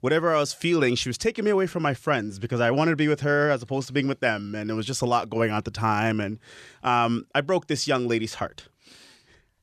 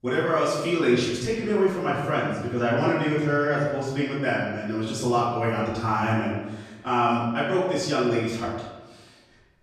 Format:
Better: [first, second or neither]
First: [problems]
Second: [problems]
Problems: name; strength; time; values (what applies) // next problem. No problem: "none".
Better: first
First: none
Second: off-mic speech; far // room echo; noticeable; dies away in 1 s